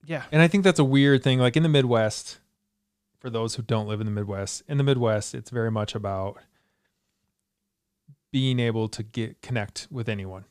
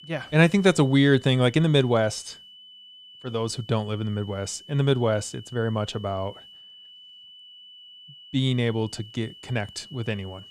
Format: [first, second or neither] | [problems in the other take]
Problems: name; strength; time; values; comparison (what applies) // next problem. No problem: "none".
first | high-pitched whine; faint; throughout; 3 kHz, 20 dB below the speech